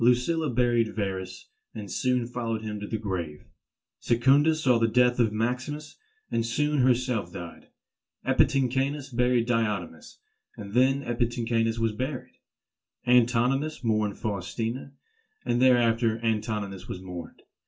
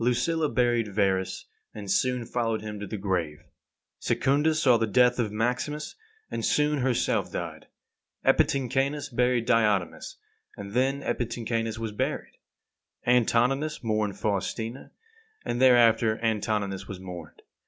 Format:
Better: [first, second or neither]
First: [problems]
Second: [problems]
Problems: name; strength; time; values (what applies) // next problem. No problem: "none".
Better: second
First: room echo; dies away in 0.2 s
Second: none